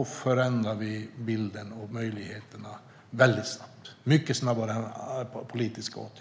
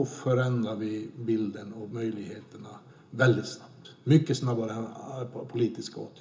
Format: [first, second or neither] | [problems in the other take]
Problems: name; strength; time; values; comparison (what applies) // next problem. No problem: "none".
first | room echo; dies away in 0.2 s